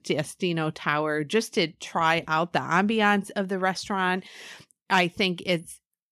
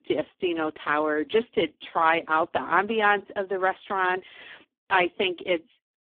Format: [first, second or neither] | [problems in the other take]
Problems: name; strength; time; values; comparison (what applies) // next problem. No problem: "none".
first | phone-call audio; poor line